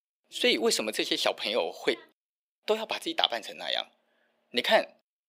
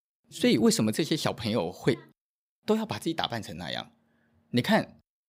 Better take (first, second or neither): second